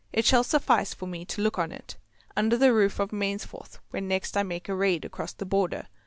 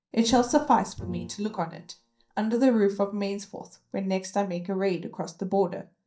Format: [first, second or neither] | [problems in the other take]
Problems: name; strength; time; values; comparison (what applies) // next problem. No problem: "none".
first | noise reduction (neural mask model DeepFilterNet 3)